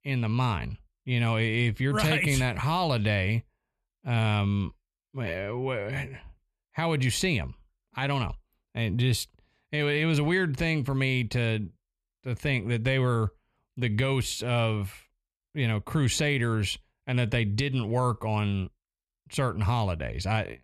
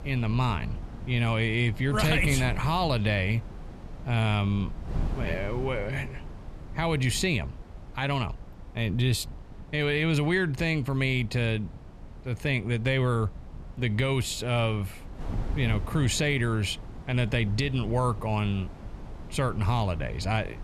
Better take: first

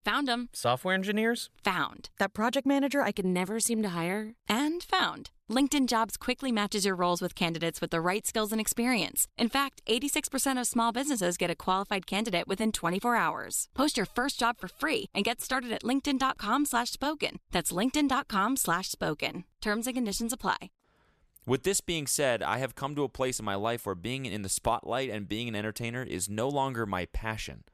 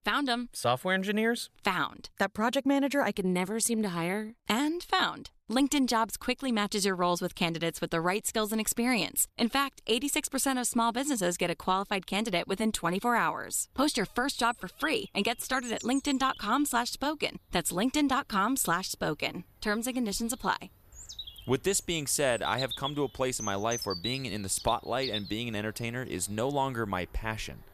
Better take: first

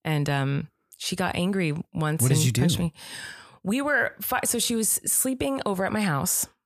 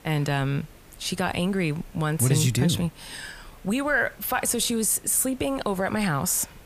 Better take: first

